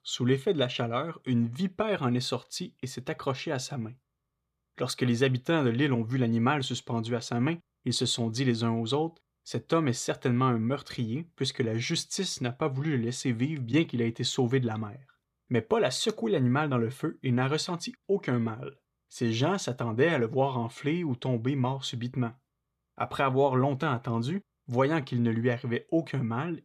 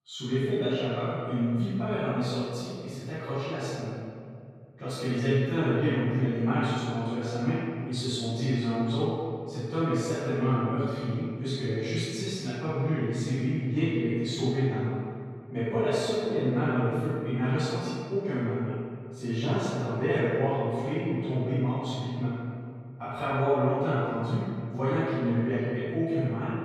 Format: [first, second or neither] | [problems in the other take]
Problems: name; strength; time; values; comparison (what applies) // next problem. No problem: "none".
first | room echo; strong; dies away in 2 s // off-mic speech; far